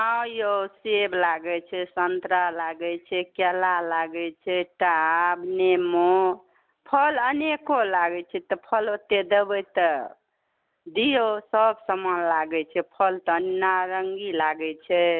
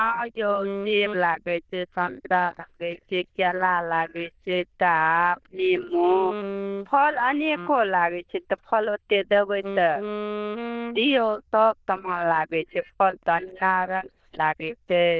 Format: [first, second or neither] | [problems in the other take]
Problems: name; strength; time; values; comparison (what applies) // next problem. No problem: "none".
first | noise reduction (neural diffusion model UNIVERSE++)